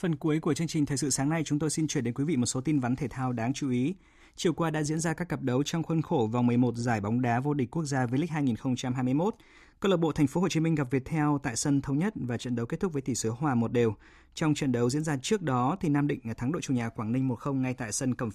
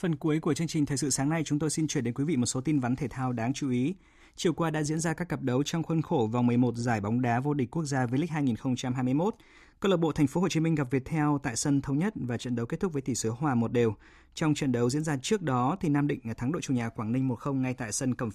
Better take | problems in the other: neither | none

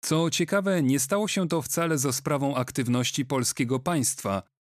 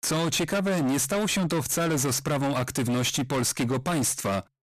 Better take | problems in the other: first | distortion; heavy; 33% of the sound clipped

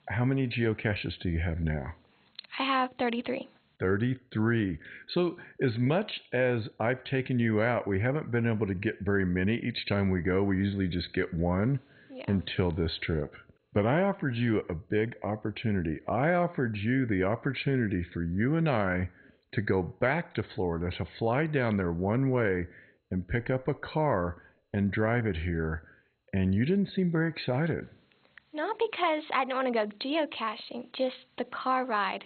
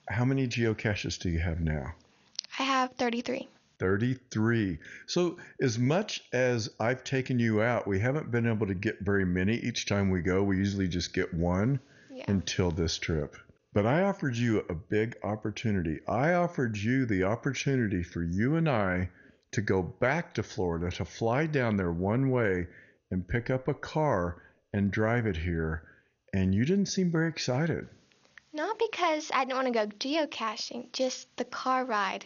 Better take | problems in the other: second | garbled, watery; badly; nothing above 4 kHz; slightly in the second

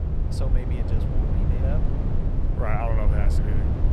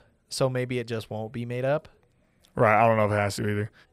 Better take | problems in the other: second | low rumble; loud; throughout; 2 dB below the speech

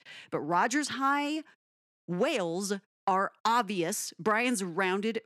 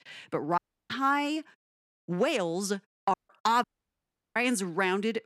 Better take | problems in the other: first | audio cutting out; at 0.5 s, at 3 s and at 3.5 s for 0.5 s

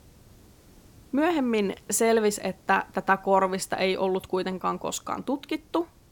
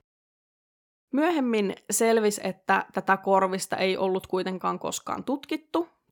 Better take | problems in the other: second | hiss; faint; throughout; 30 dB below the speech

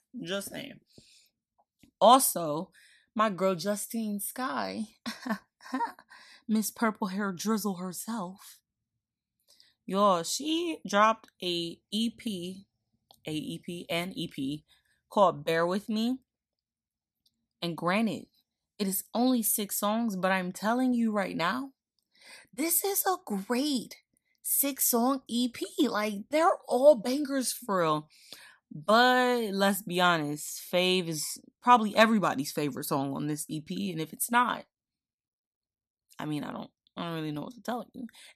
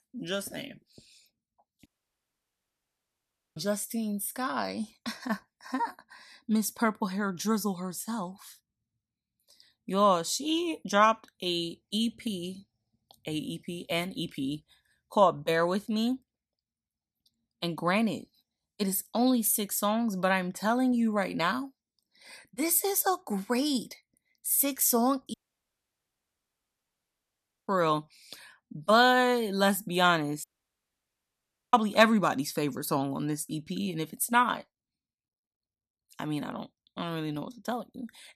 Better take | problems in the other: first | audio cutting out; at 2 s for 1.5 s, at 25 s for 2.5 s and at 30 s for 1.5 s

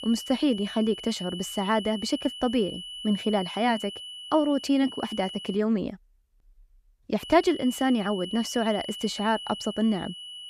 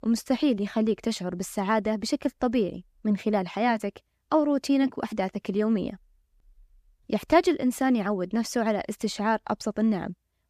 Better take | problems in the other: second | high-pitched whine; noticeable; until 5.5 s and from 7 s on; 3 kHz, 10 dB below the speech

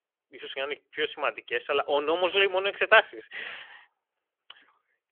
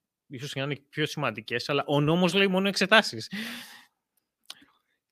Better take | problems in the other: second | phone-call audio; nothing above 3.5 kHz

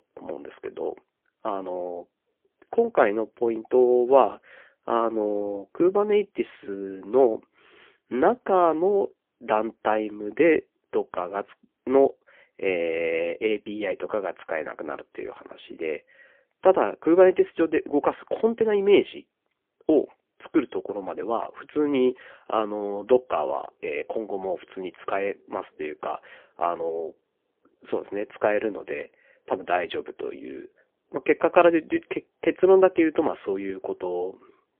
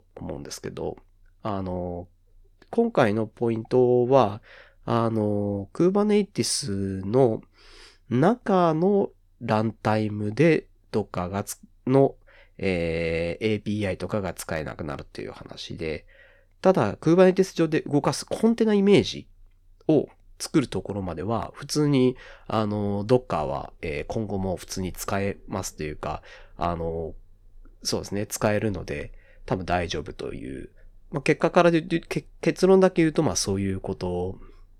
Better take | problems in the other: second | phone-call audio; poor line

